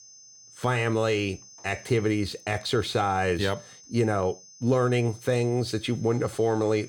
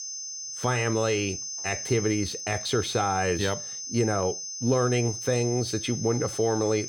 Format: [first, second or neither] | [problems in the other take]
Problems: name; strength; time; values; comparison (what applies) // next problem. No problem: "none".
first | high-pitched whine; loud; throughout; 6 kHz, 6 dB below the speech; faint in the first